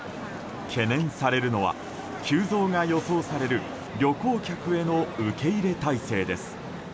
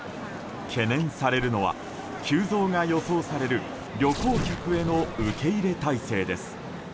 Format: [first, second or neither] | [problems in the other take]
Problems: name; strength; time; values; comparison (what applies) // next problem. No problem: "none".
first | background sound (Tearing); 13 dB below the speech